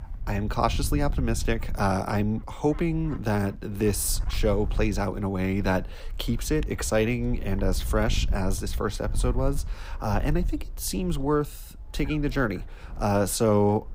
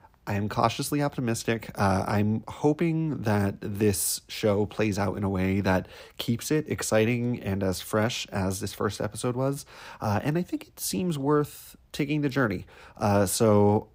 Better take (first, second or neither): second